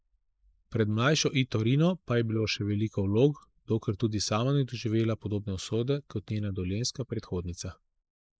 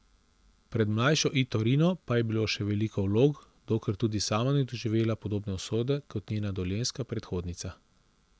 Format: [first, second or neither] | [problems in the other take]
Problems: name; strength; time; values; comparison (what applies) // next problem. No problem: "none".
second | noise reduction (neural mask model Resemble Enhance denoiser)